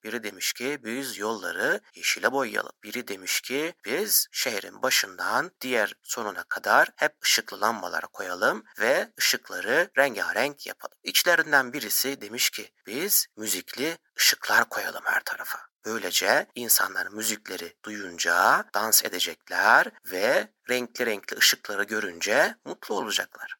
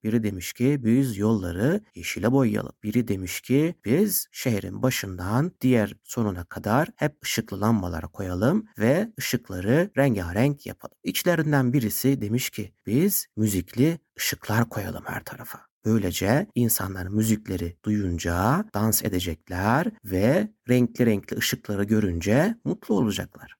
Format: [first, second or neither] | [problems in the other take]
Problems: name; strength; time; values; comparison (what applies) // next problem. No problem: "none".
second | thin; very; fading below 700 Hz